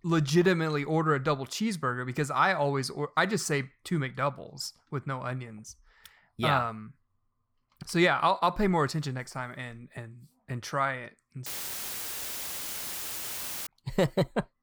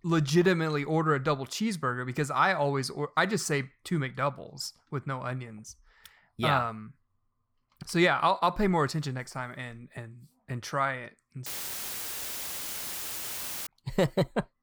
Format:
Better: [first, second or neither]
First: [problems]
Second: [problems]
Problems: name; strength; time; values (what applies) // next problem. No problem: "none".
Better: neither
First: audio cutting out; filled with static; at 11 s for 2 s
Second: audio cutting out; filled with static; at 11 s for 2 s